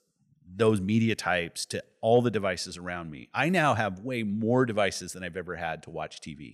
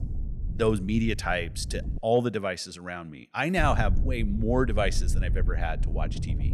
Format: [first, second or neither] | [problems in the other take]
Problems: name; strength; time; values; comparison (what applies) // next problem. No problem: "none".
first | low rumble; noticeable; until 2 s and from 3.5 s on; 20 dB below the speech